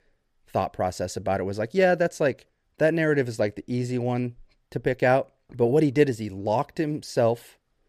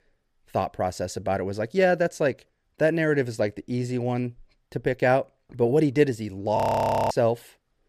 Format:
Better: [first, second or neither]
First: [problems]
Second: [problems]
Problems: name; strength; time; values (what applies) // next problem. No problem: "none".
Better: first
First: none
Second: audio freezing; at 6.5 s for 0.5 s